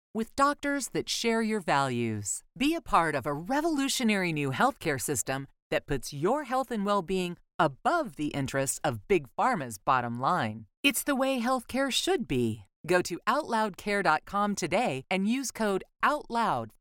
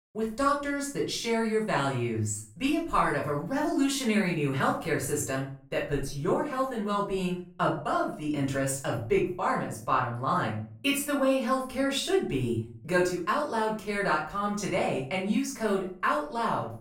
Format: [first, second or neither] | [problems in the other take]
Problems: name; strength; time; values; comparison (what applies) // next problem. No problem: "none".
first | off-mic speech; far // room echo; slight; dies away in 0.4 s